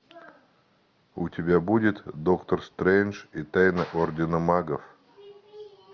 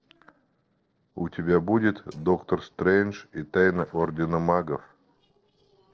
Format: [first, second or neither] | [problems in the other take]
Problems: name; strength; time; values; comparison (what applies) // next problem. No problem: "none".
first | noise reduction (neural separator model SepFormer DNS4)